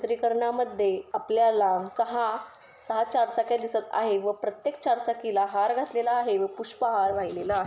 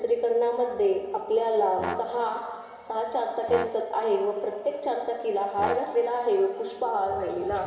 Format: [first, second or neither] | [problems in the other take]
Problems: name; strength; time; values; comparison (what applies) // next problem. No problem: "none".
first | background sound (Brass instrument); 13 dB below the speech // room echo; dies away in 2.3 s